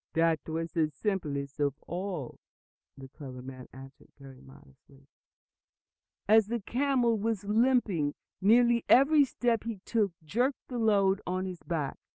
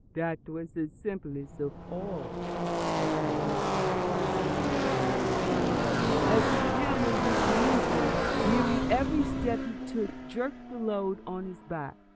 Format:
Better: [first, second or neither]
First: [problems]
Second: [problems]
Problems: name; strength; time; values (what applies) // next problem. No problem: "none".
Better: first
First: none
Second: background sound (Car passing by / Race car, auto racing); 4 dB above the speech